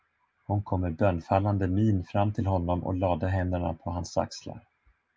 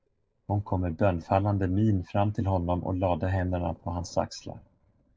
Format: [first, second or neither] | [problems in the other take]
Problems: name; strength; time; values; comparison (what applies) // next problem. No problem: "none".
first | noise reduction (neural separator model SepFormer DNS4)